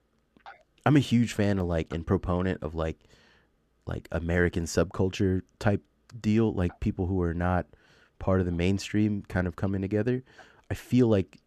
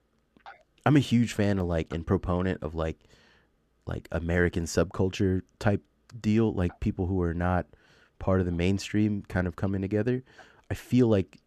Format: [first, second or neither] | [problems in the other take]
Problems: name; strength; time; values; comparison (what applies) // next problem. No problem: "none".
neither | none